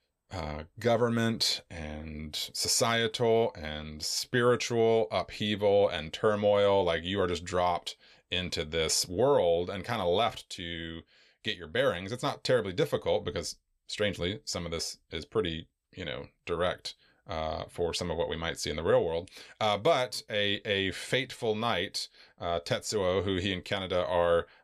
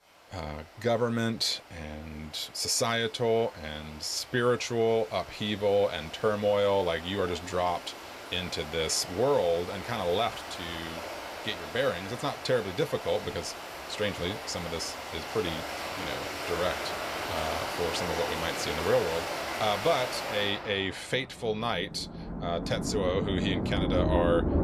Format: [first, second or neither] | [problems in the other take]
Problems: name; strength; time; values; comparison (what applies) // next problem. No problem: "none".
first | rain or running water; loud; throughout; 5 dB below the speech